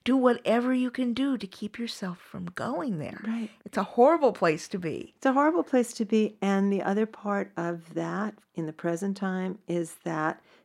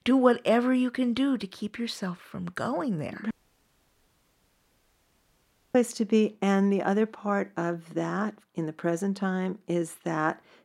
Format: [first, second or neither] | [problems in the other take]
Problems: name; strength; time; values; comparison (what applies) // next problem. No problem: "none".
first | audio cutting out; at 3.5 s for 2.5 s